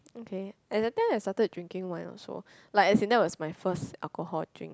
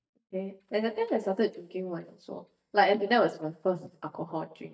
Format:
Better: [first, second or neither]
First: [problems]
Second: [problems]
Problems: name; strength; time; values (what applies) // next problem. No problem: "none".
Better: first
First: none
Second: noise reduction (neural mask model DeepFilterNet 3)